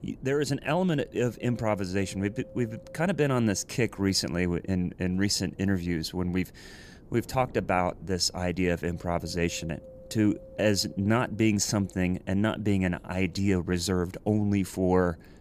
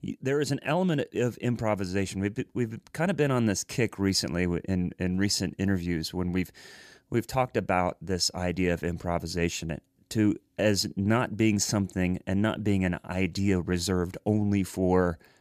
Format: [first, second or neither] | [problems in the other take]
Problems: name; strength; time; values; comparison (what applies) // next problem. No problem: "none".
second | wind noise on the microphone; occasional gusts; 20 dB below the speech